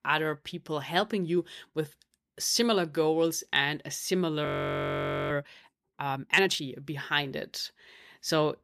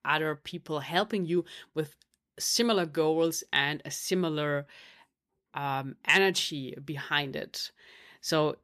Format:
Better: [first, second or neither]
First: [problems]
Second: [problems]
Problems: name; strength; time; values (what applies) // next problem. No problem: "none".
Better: second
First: audio freezing; at 4.5 s for 1 s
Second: none